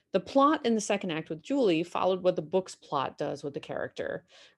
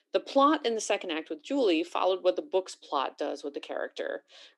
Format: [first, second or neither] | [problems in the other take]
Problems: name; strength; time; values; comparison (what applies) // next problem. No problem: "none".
first | thin; very slightly; fading below 300 Hz